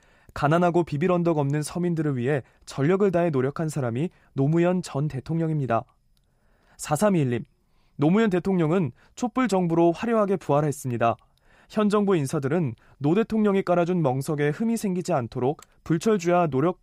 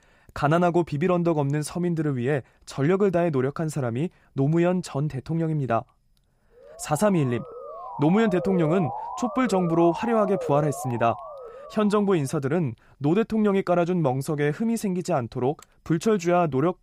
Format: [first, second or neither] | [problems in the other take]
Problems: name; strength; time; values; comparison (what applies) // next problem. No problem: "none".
first | siren; noticeable; from 6.5 to 12 s; peak 6 dB below the speech